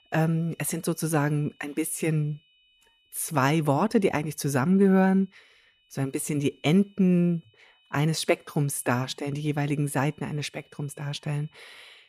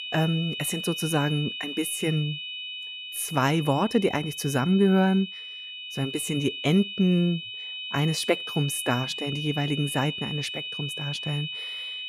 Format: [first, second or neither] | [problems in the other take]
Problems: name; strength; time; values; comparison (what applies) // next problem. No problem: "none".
first | high-pitched whine; loud; throughout; 3 kHz, 7 dB below the speech; faint in the first